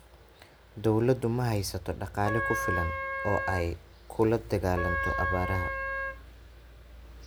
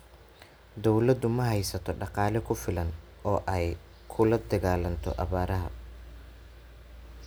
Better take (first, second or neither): second